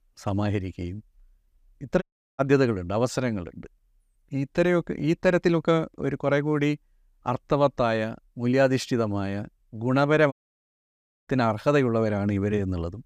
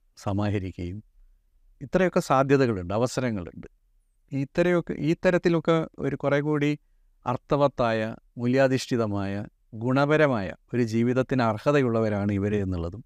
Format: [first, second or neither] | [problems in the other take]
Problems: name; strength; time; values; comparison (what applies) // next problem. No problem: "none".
second | audio cutting out; at 2 s and at 10 s for 1 s